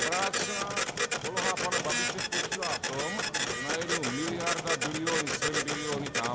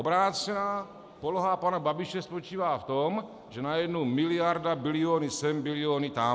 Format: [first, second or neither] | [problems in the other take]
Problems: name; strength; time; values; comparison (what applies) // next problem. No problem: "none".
second | background sound (Printer); 4 dB above the speech